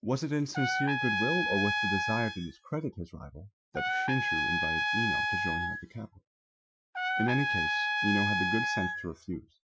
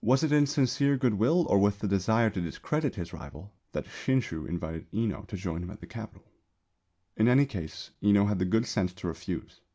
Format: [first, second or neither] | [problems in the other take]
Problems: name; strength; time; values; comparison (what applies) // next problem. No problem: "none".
second | noise reduction (classical method Wiener filter)